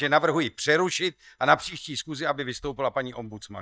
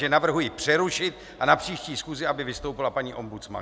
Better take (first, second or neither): second